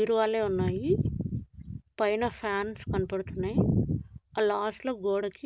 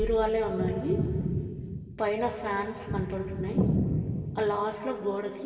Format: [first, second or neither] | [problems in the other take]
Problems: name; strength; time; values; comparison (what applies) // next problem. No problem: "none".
first | background sound (Bass drum); 17 dB below the speech // room echo; dies away in 2.4 s